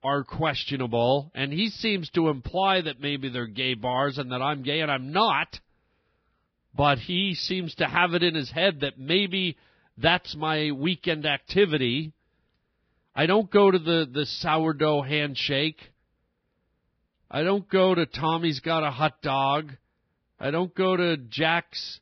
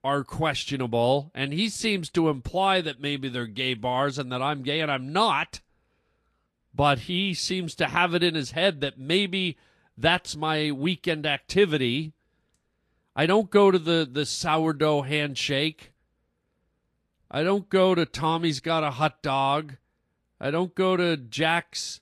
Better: second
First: garbled, watery; badly; nothing above 5.5 kHz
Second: garbled, watery; slightly

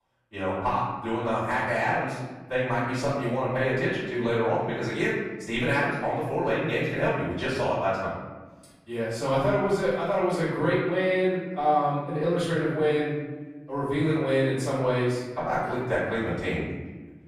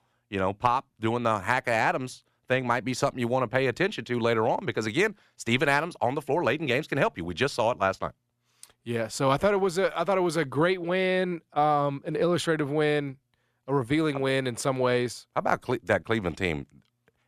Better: second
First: off-mic speech; far // room echo; noticeable; dies away in 1.3 s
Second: none

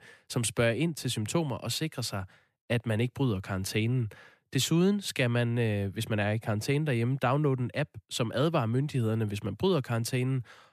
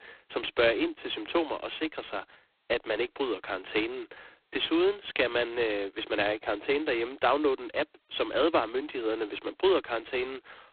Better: first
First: none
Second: phone-call audio; poor line; nothing above 4 kHz

